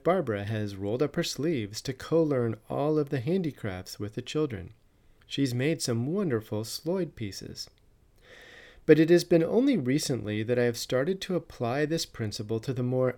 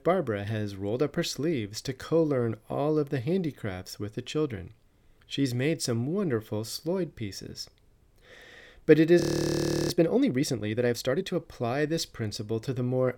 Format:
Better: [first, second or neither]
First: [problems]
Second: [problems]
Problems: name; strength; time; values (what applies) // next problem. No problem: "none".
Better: first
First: none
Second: audio freezing; at 9 s for 0.5 s